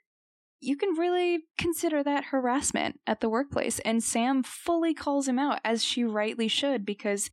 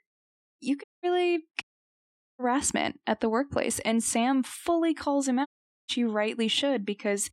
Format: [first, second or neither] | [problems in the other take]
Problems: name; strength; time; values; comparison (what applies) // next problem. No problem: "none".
first | audio cutting out; at 1 s, at 1.5 s for 1 s and at 5.5 s